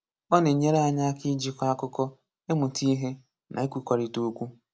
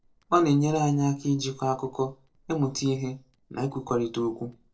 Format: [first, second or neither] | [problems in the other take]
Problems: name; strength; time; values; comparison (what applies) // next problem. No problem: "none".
first | noise reduction (neural separator model SepFormer DNS4)